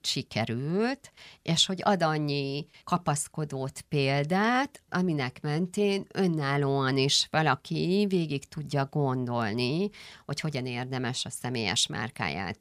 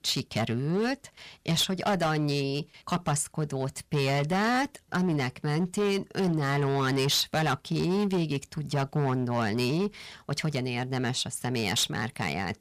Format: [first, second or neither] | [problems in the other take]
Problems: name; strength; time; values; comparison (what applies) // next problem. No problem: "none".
first | distortion; slight; 12% of the sound clipped